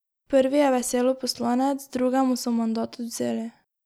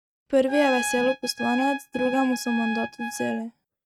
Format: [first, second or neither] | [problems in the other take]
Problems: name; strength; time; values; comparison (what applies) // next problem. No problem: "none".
first | noise reduction (neural mask model RNNoise)